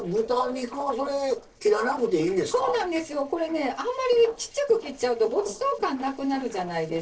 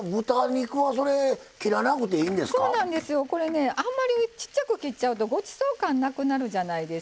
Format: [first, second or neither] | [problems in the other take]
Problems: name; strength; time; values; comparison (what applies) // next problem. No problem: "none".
second | noise reduction (neural separator model SepFormer DNS4)